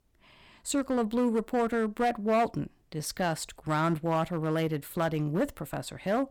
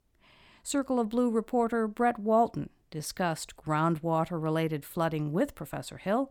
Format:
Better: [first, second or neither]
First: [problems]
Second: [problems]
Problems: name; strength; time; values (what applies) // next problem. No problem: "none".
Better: second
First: distortion; slight; 6% of the sound clipped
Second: none